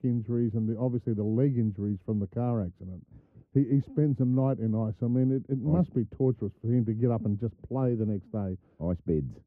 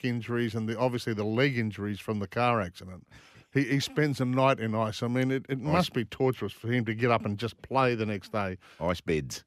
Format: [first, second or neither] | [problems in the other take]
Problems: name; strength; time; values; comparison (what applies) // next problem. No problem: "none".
second | muffled; very; fading above 1 kHz